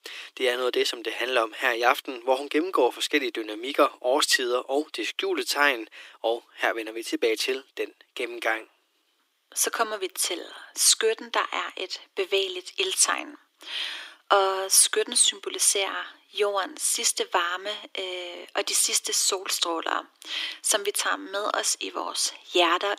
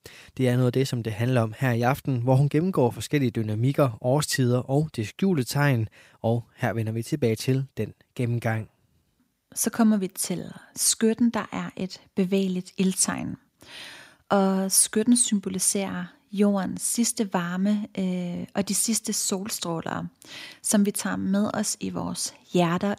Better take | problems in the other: second | thin; very; fading below 300 Hz

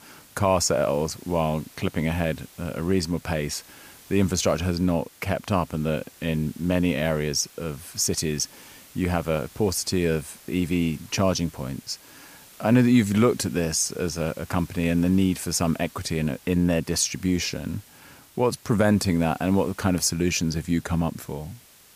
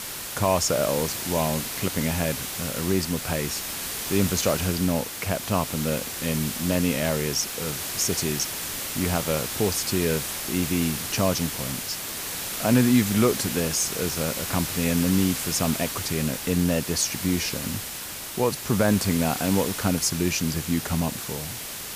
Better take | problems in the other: first | hiss; loud; throughout; 4 dB below the speech; faint in the first

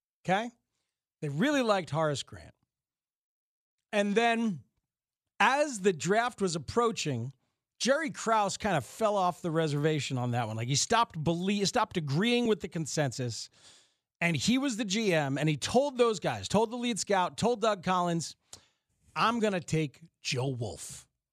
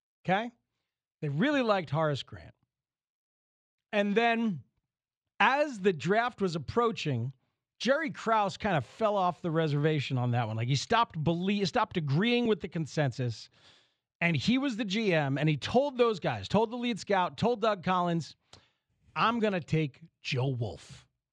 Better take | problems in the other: first | muffled; very slightly; fading above 3.5 kHz

